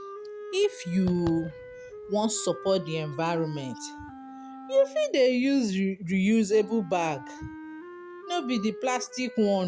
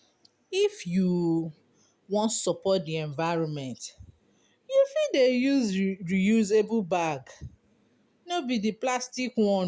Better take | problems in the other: second | background sound (Fireworks + Wind instrument, woodwind instrument); 15 dB below the speech

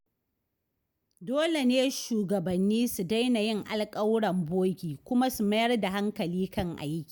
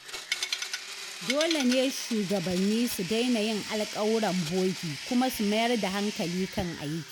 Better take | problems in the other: first | background sound (Tools + Domestic sounds, home sounds); 8 dB below the speech

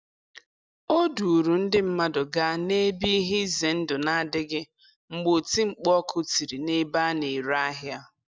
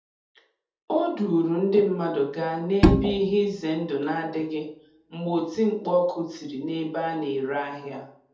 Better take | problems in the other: first | background sound (Bowed string instrument); 3 dB above the speech // room echo; dies away in 0.6 s

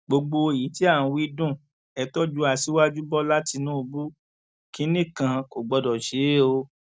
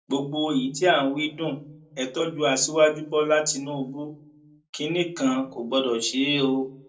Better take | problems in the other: first | room echo; dies away in 0.2 s

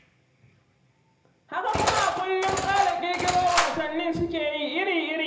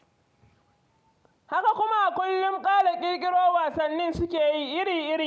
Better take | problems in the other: second | background sound (Engine); 3 dB below the speech // room echo; dies away in 0.7 s

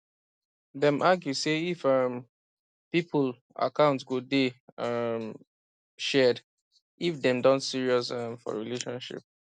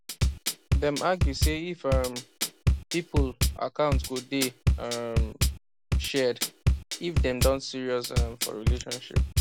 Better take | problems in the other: first | background sound (Bass drum / Drum kit); 4 dB above the speech

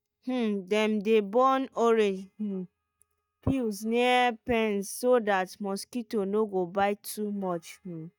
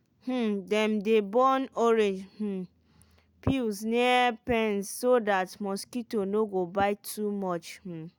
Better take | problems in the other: second | noise reduction (neural mask model DeepFilterNet 3)

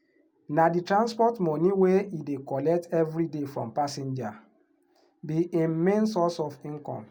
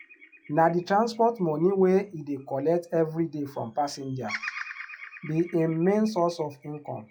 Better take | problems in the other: first | noise reduction (classical method log-MMSE)

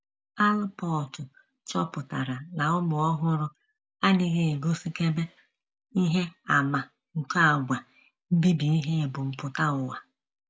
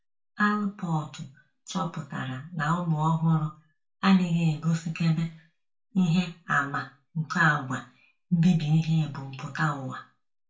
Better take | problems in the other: first | room echo; dies away in 0.3 s

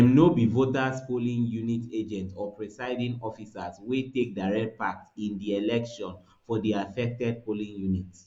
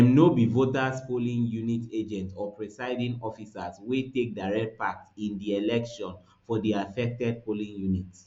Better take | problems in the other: second | noise reduction (neural mask model Resemble Enhance denoiser)

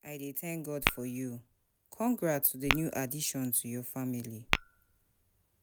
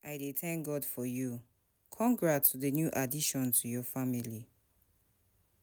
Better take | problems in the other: second | background sound (Tap / Glass); 2 dB below the speech

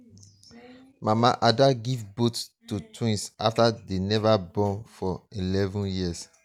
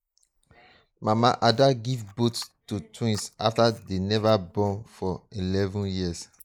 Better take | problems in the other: first | noise reduction (neural mask model Resemble Enhance denoiser)

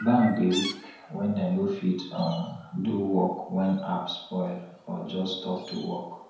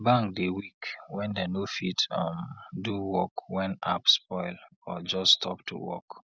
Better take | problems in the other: second | background sound (Chirp, tweet); 16 dB below the speech // room echo; dies away in 0.9 s

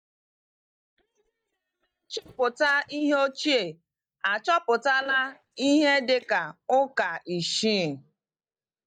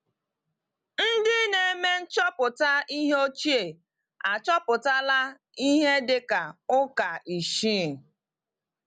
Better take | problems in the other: second | noise reduction (neural mask model DeepFilterNet 3)

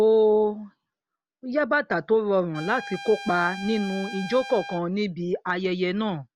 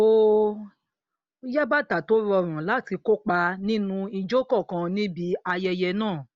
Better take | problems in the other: second | background sound (Trumpet); 13 dB below the speech

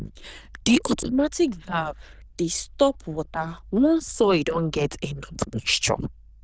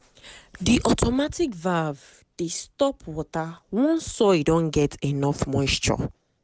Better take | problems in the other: second | noise reduction (neural diffusion model UNIVERSE++)

